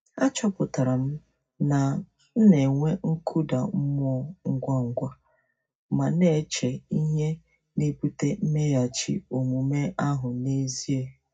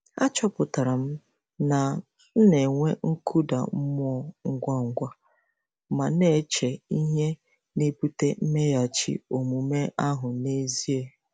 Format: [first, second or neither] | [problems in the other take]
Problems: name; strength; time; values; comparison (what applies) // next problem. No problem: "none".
second | room echo; dies away in 0.4 s